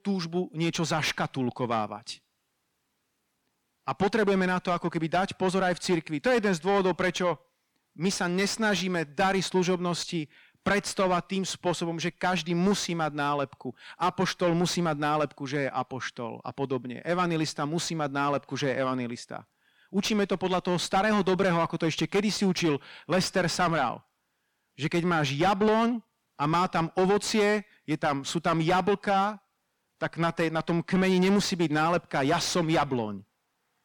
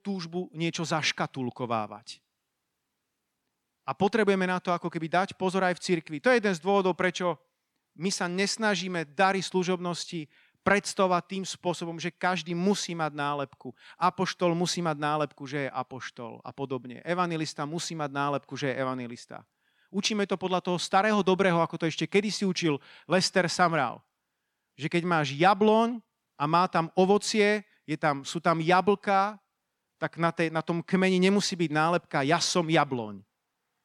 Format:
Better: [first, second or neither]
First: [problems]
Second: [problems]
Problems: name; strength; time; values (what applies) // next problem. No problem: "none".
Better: second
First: distortion; heavy; 8 dB below the speech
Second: none